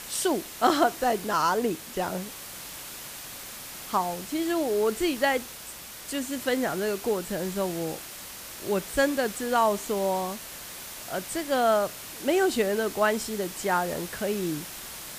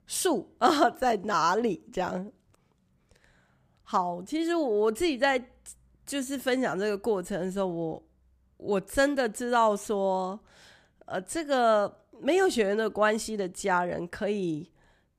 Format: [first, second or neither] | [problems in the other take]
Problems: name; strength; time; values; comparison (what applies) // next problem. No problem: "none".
second | hiss; noticeable; throughout; 10 dB below the speech